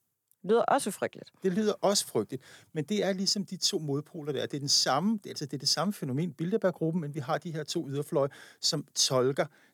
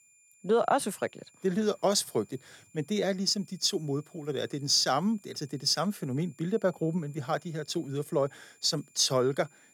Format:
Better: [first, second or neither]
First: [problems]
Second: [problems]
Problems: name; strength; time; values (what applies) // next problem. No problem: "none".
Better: first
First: none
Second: high-pitched whine; faint; throughout; 7 kHz, 30 dB below the speech